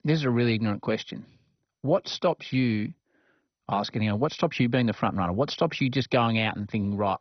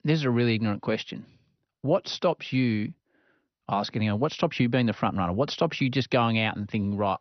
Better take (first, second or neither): second